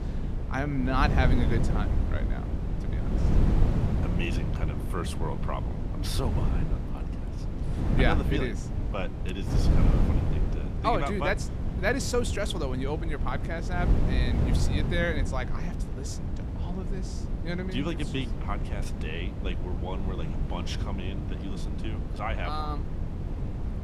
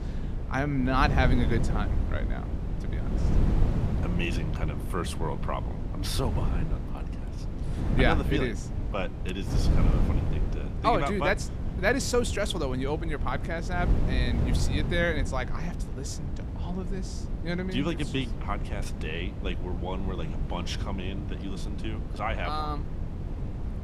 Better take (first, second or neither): second